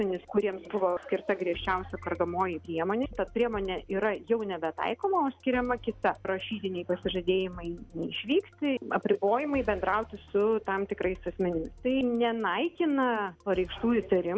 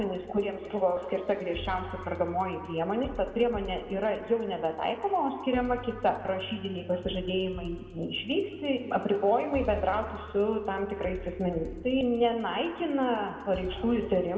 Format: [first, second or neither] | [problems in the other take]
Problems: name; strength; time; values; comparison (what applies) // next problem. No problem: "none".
first | room echo; dies away in 2.1 s